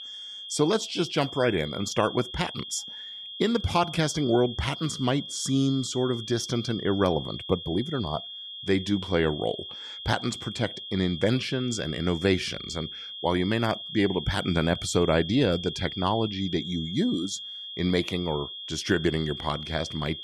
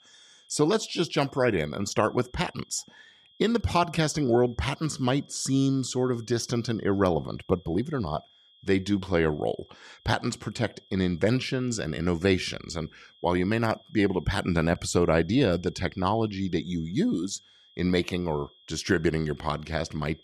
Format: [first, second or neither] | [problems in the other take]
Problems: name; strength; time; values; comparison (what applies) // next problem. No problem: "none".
second | high-pitched whine; loud; throughout; 3.5 kHz, 9 dB below the speech; faint in the second